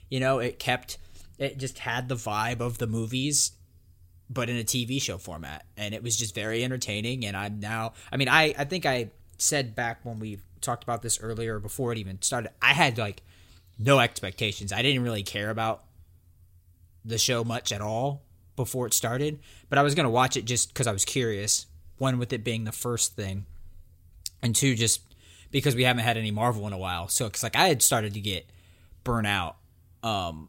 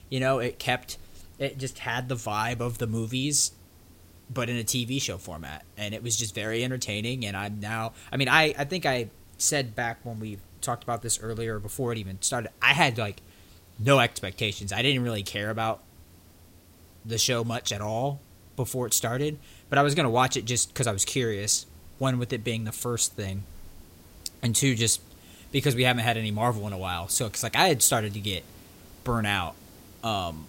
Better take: first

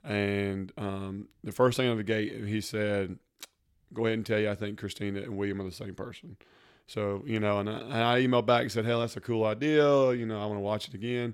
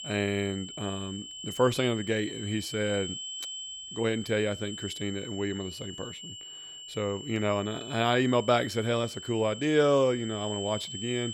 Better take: first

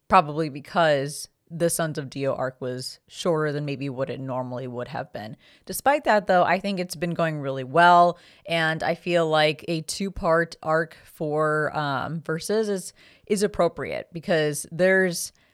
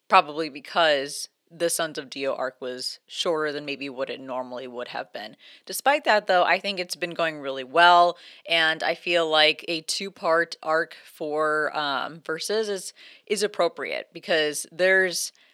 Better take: first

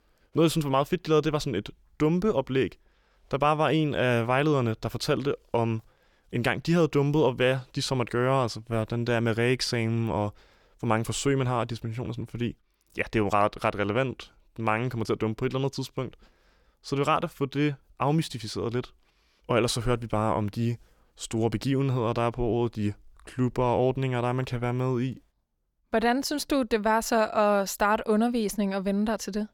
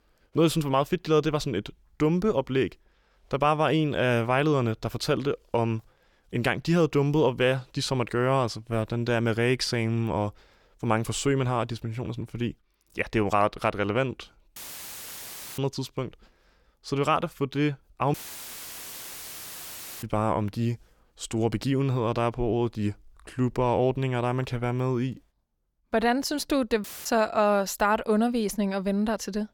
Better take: first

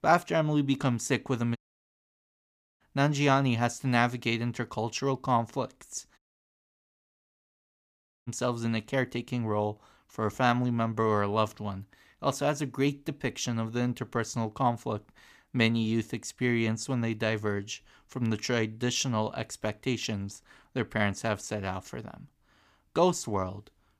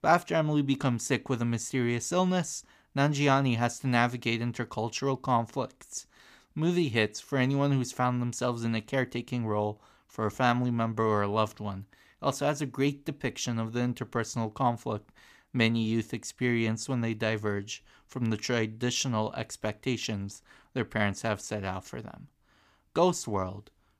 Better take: second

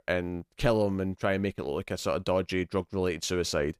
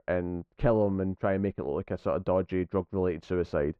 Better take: first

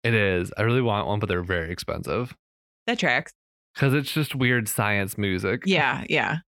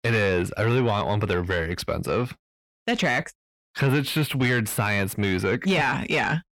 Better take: first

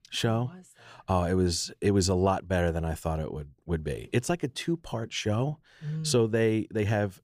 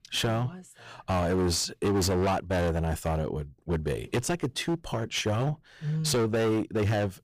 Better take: first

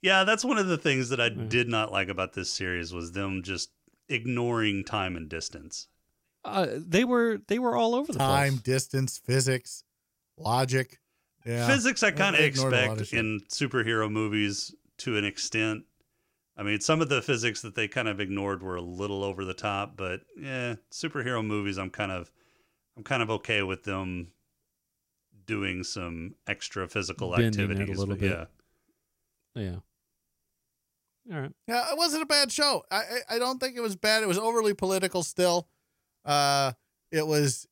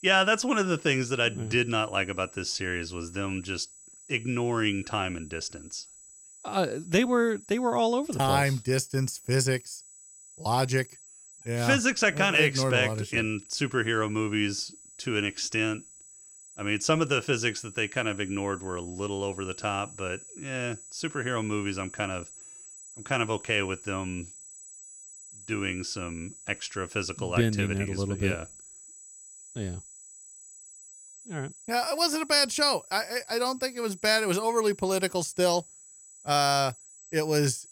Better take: first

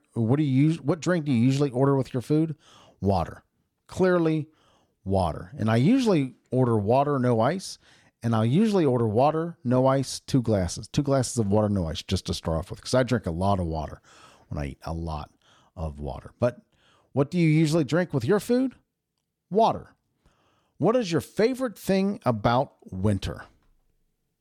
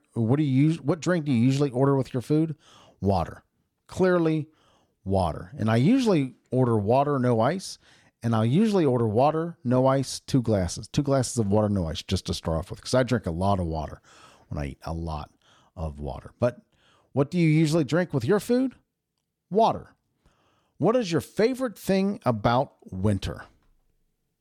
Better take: neither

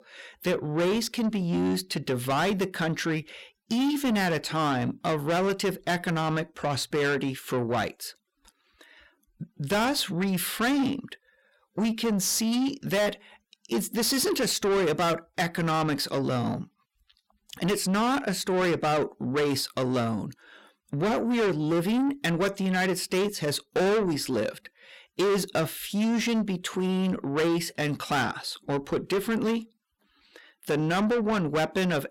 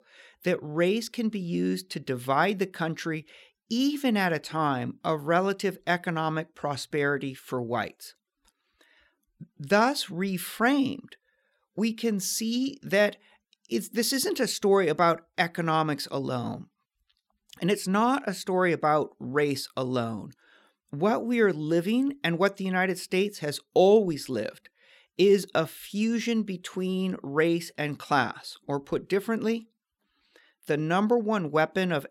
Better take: second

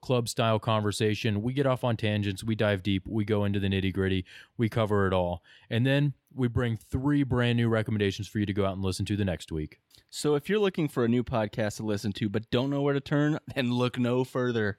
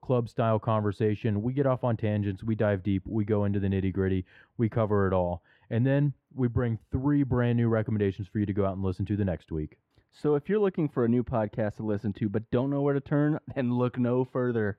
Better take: first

